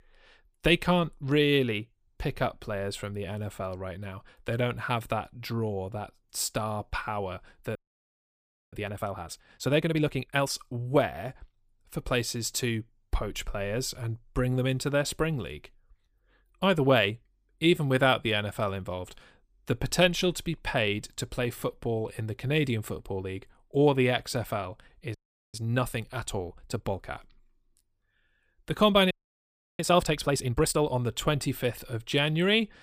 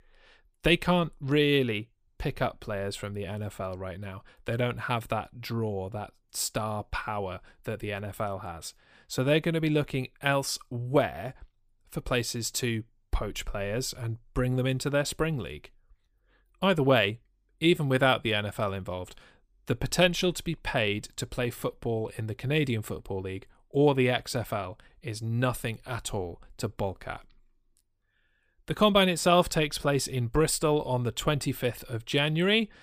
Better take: second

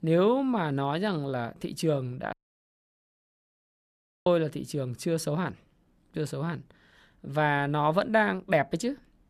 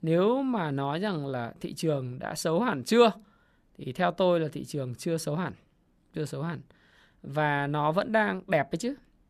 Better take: second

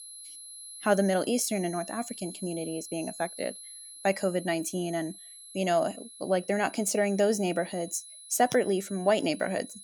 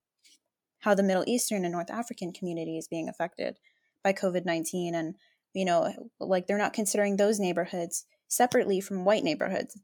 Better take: second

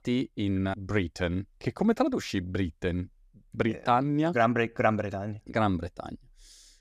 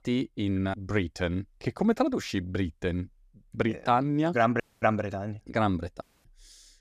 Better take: first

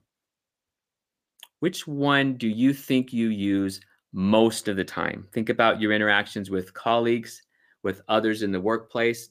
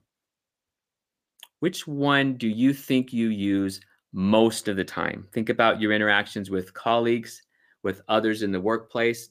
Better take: neither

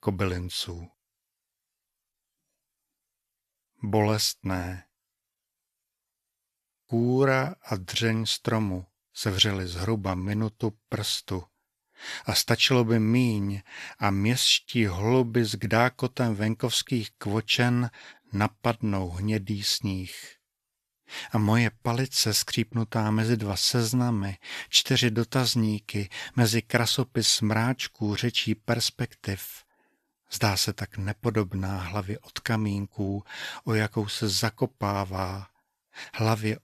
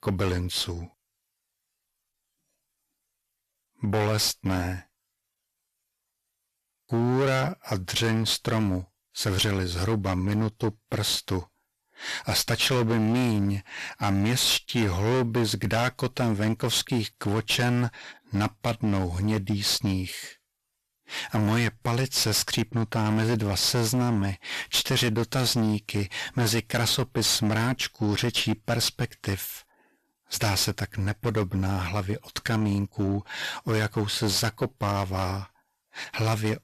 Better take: first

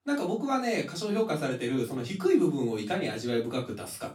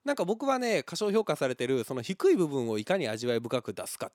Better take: second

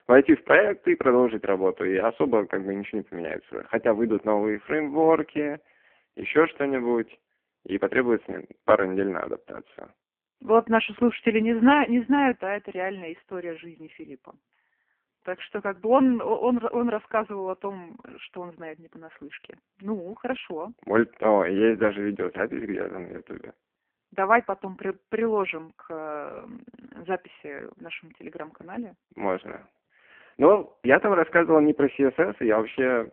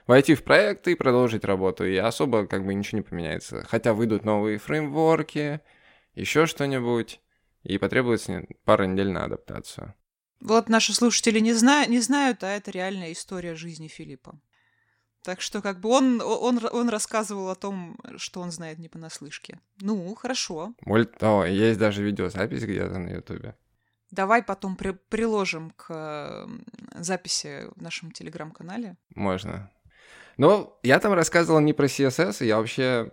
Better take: second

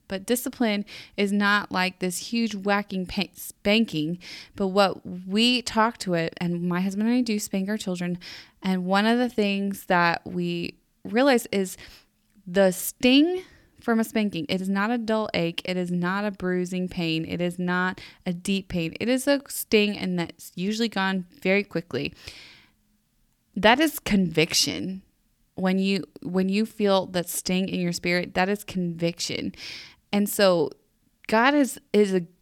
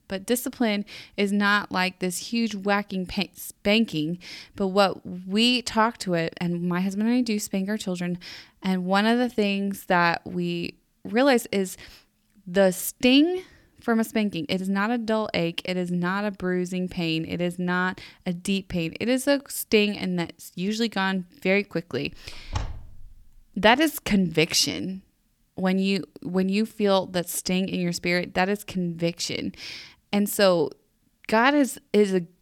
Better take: first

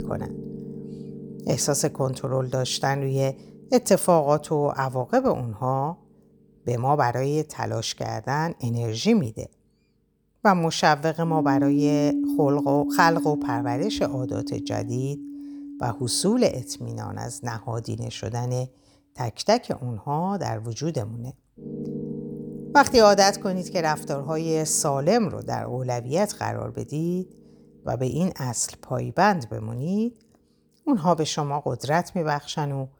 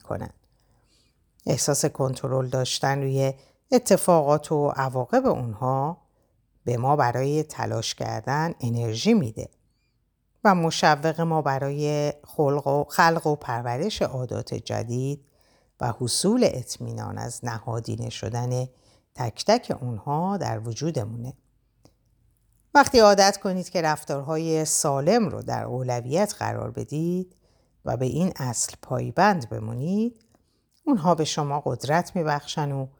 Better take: second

